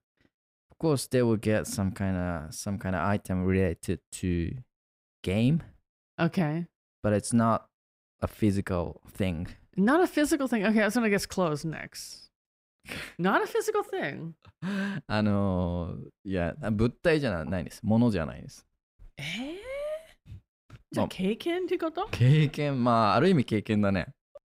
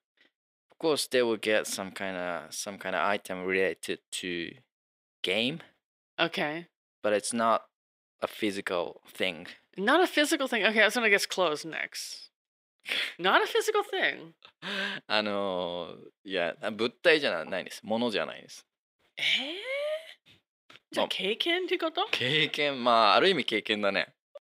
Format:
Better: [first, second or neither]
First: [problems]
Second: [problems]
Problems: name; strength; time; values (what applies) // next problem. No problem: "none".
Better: first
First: none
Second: thin; somewhat; fading below 450 Hz